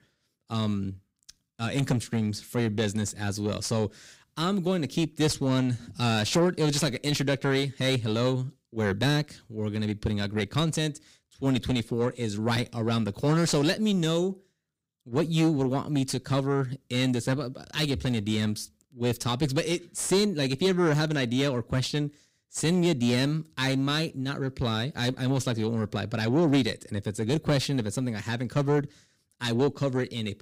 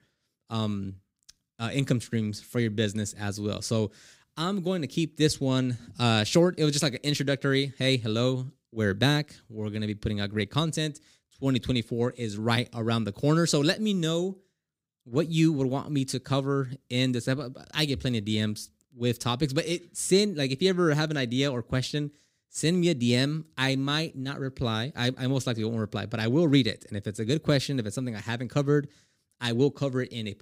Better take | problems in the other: second | distortion; slight; 9 dB below the speech

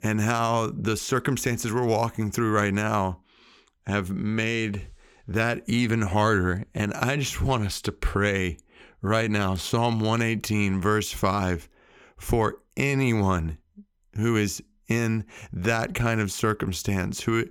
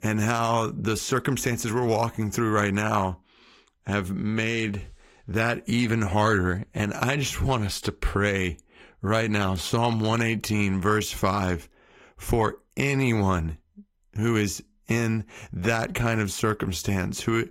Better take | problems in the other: first | garbled, watery; slightly; nothing above 15.5 kHz

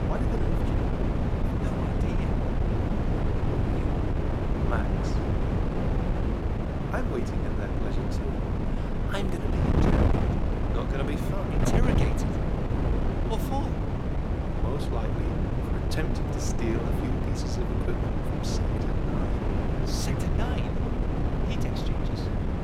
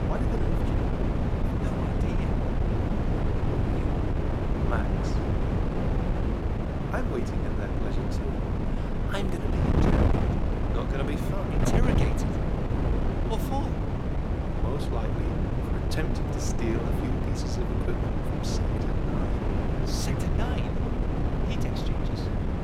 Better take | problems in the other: neither | wind noise on the microphone; heavy; 4 dB above the speech; the same in both

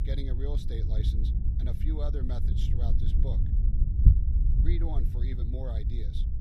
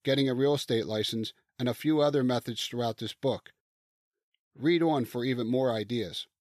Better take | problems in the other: second | low rumble; loud; throughout; 1 dB below the speech

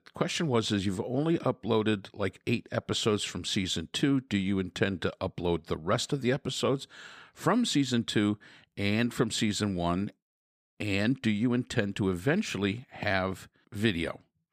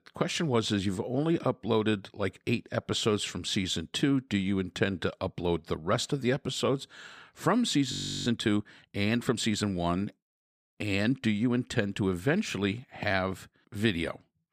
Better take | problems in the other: first | audio freezing; at 8 s

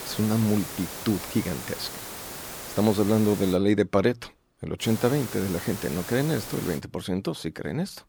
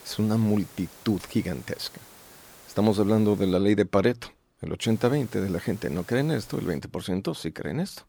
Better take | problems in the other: second | hiss; loud; until 3.5 s and from 5 to 7 s; 9 dB below the speech; faint in the second

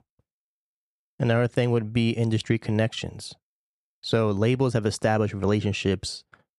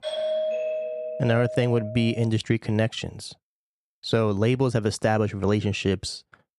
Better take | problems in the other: first | doorbell; noticeable; until 2.5 s; peak 2 dB below the speech

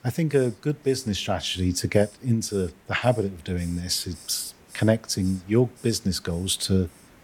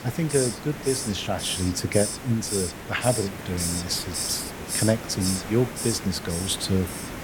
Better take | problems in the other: first | hiss; loud; throughout; 3 dB below the speech; faint in the first

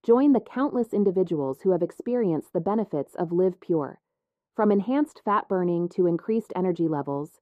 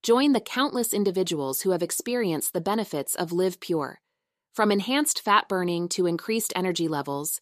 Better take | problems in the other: second | muffled; very; fading above 2 kHz

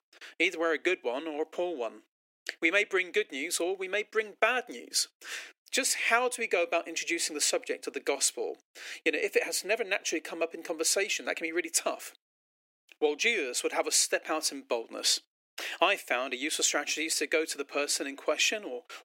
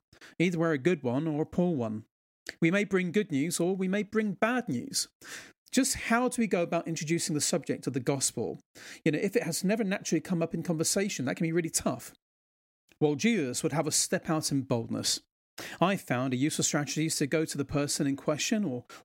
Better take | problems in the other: second | thin; very; fading below 350 Hz

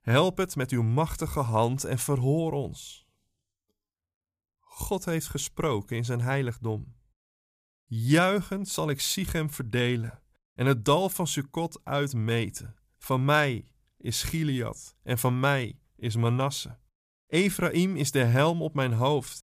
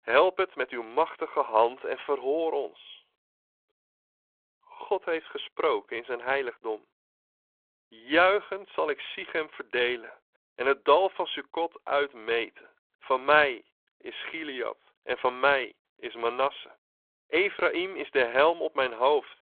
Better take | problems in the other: first | phone-call audio

